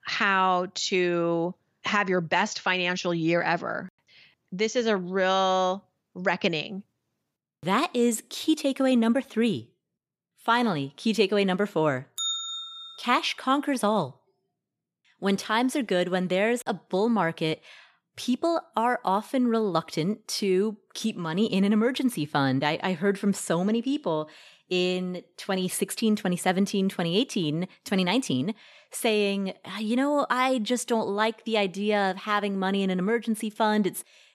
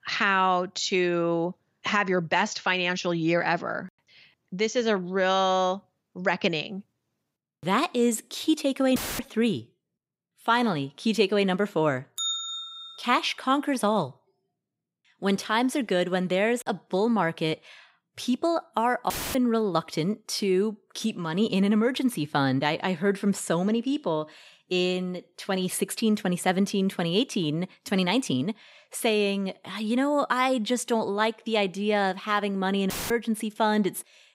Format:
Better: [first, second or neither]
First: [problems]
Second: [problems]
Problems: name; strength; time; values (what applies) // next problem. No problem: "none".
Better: first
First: none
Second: audio cutting out; filled with static; at 9 s, at 19 s and at 33 s